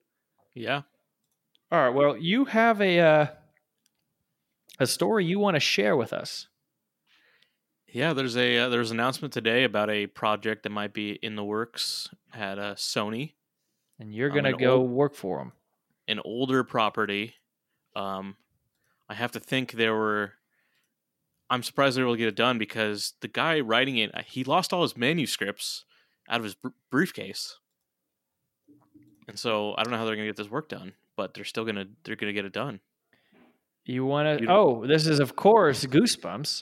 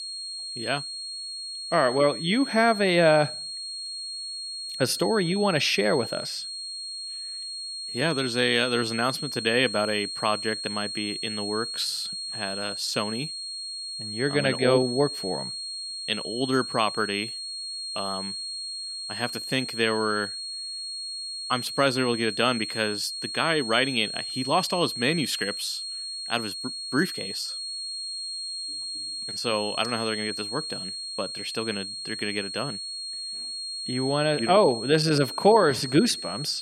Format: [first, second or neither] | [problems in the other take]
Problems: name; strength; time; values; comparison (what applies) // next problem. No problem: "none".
first | high-pitched whine; loud; throughout; 4.5 kHz, 6 dB below the speech